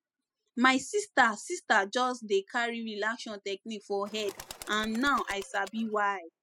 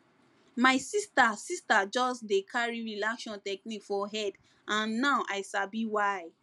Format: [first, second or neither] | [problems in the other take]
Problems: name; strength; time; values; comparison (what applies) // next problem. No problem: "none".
second | noise reduction (classical method spectral subtraction)